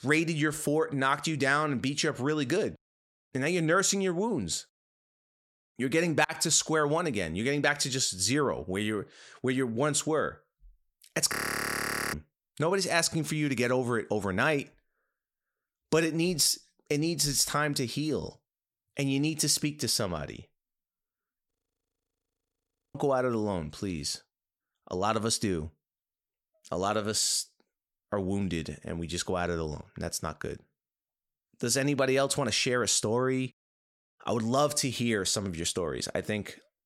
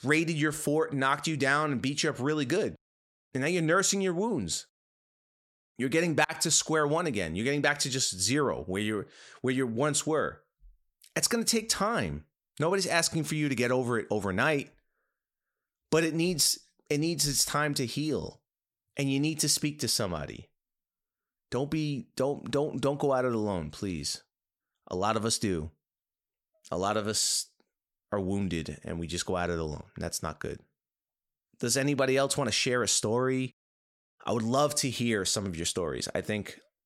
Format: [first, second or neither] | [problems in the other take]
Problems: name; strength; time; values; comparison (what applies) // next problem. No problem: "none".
second | audio freezing; at 11 s for 1 s and at 22 s for 1.5 s